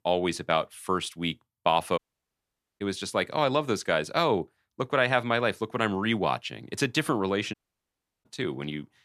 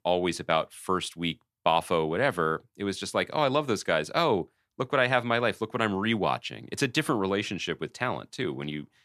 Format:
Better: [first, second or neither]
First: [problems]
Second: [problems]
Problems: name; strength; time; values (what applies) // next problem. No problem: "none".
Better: second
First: audio cutting out; at 2 s for 1 s and at 7.5 s for 0.5 s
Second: none